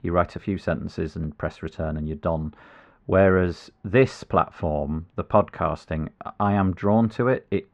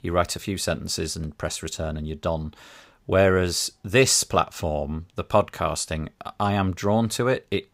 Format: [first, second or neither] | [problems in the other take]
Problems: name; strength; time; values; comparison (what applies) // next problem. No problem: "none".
second | muffled; very; fading above 1.5 kHz